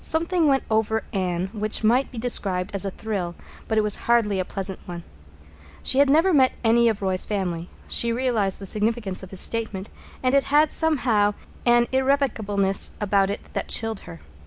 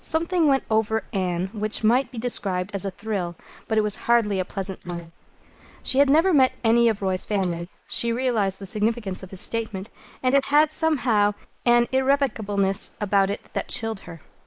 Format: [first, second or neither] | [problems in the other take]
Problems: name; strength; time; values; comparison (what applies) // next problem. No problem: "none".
first | noise reduction (neural mask model Resemble Enhance denoiser)